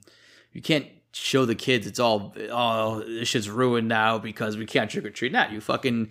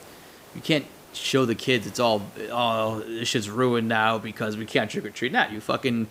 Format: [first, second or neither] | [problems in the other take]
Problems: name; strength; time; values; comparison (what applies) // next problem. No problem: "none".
first | hiss; faint; throughout; 25 dB below the speech